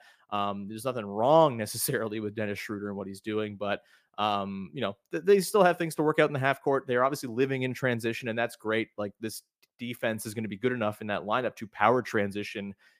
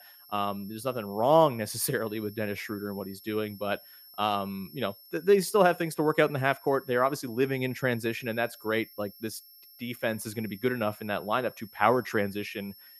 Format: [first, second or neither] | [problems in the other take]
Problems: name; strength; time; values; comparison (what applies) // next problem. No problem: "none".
first | high-pitched whine; faint; throughout; 11.5 kHz, 20 dB below the speech